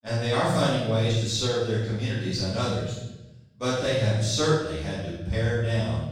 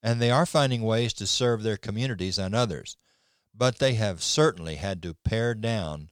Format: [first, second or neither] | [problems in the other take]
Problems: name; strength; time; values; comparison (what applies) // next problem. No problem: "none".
second | room echo; strong; dies away in 1 s // off-mic speech; far